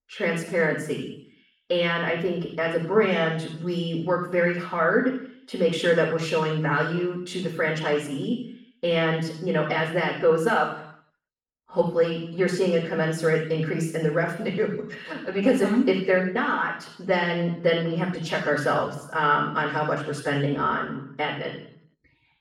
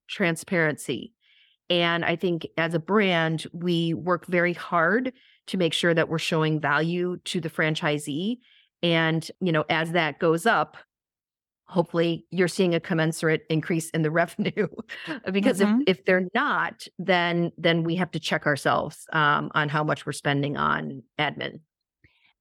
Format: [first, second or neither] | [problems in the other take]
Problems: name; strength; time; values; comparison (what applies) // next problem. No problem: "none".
second | room echo; noticeable; dies away in 0.7 s // off-mic speech; far